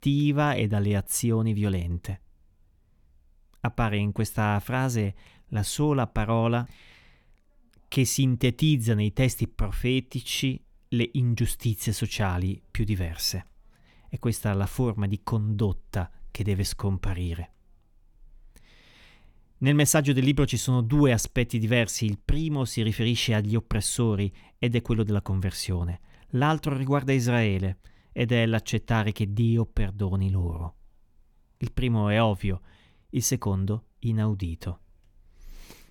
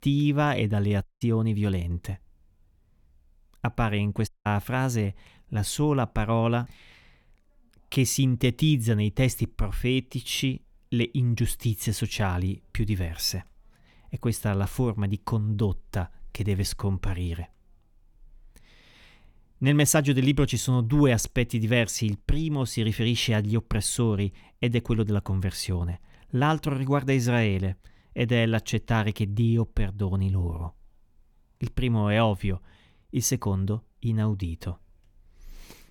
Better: first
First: none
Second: audio cutting out; at 1 s and at 4.5 s

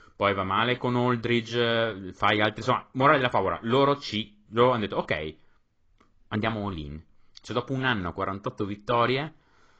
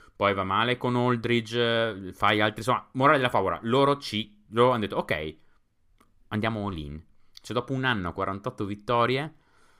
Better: second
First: garbled, watery; badly; nothing above 7.5 kHz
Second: none

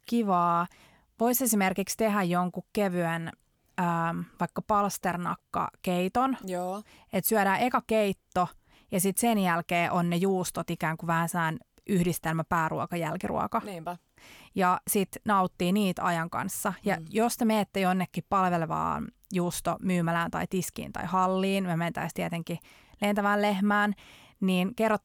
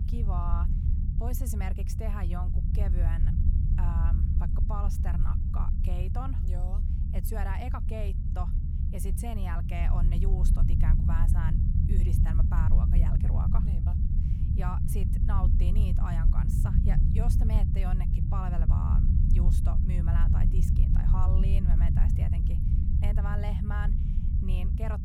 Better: first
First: none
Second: low rumble; loud; throughout; 1 dB below the speech

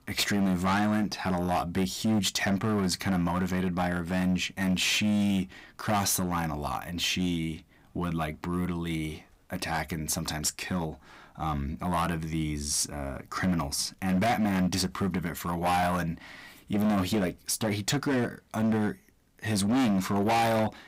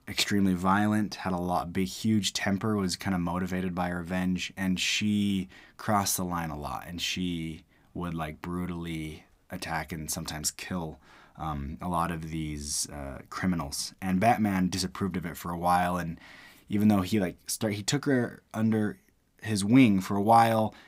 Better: second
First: distortion; heavy; 12% of the sound clipped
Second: none

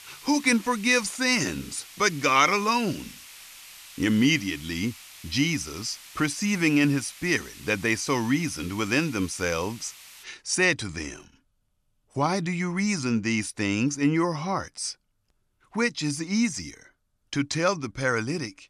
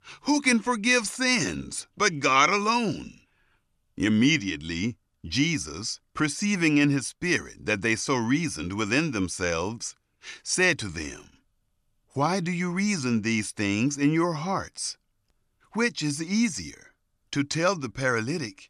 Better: second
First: hiss; noticeable; until 10 s; 20 dB below the speech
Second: none

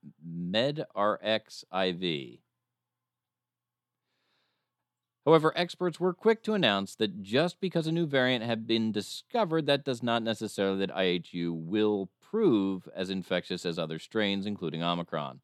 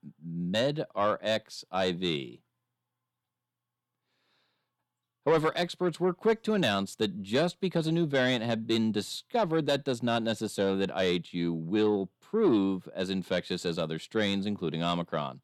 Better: first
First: none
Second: distortion; slight; 10 dB below the speech

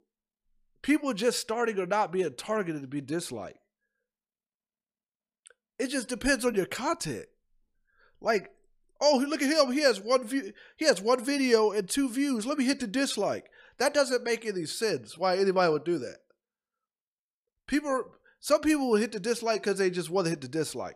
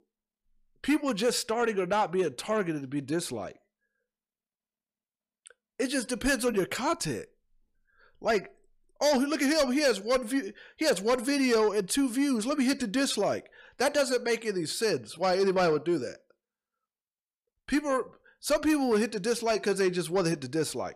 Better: first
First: none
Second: distortion; slight; 10 dB below the speech

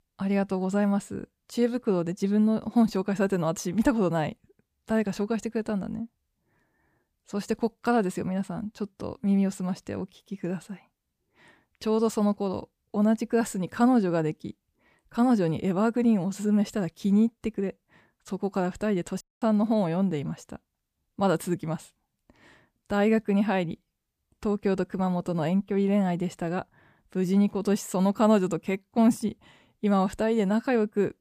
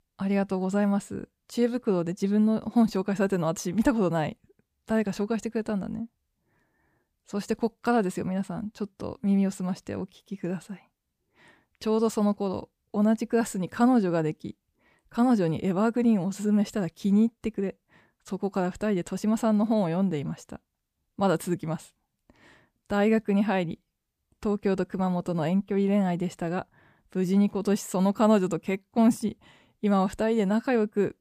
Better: second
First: audio cutting out; at 19 s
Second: none

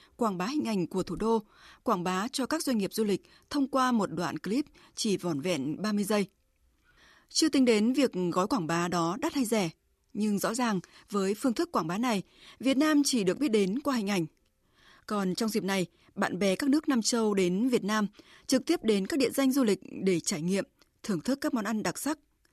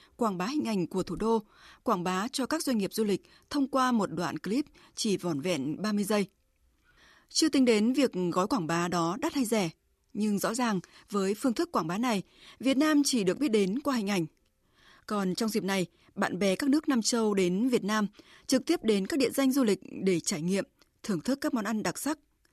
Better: neither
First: none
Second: none

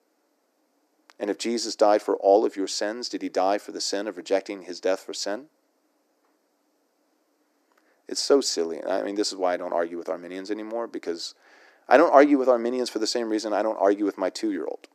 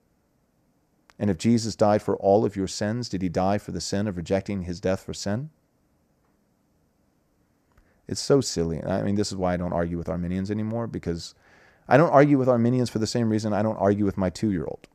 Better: second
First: thin; somewhat; fading below 300 Hz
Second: none

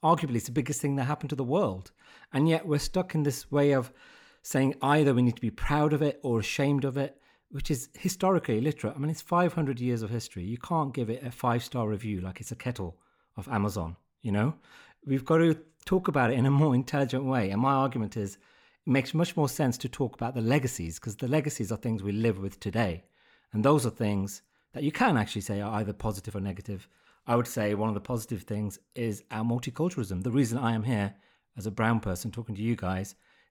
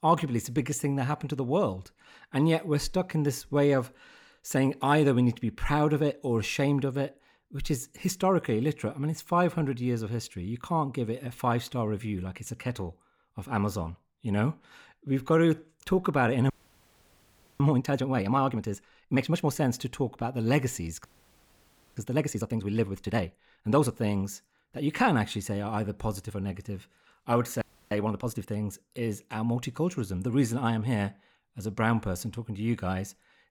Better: first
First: none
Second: audio freezing; at 17 s for 1 s, at 21 s for 1 s and at 28 s

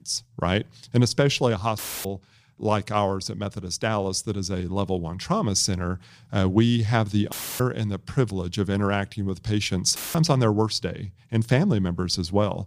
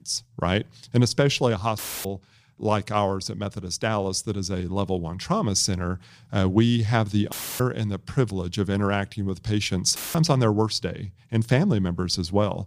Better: neither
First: audio cutting out; filled with static; at 2 s, at 7.5 s and at 10 s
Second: audio cutting out; filled with static; at 2 s, at 7.5 s and at 10 s

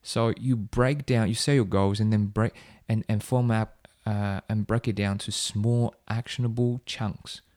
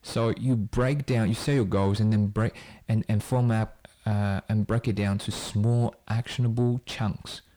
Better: first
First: none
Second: distortion; slight; 9 dB below the speech

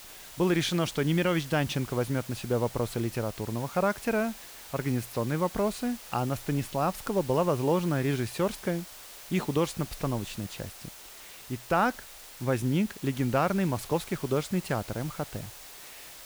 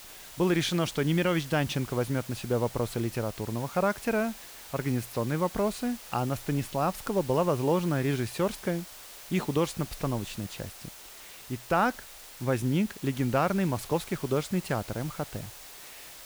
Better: neither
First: hiss; noticeable; throughout; 15 dB below the speech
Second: hiss; noticeable; throughout; 15 dB below the speech

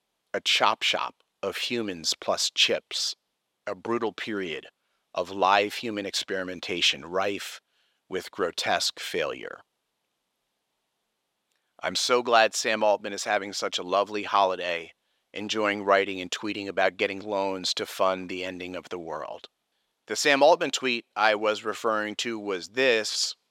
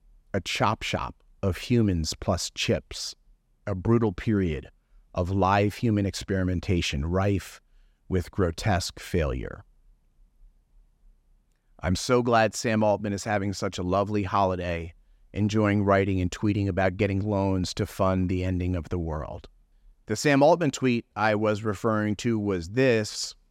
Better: second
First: thin; somewhat; fading below 500 Hz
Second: none

